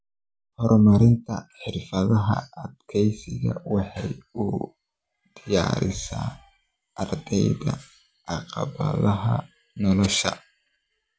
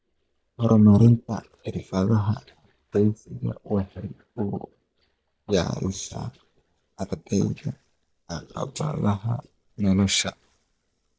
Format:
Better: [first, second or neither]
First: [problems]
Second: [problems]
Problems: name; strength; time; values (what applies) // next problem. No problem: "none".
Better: first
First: none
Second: noise reduction (neural mask model DeepFilterNet 3)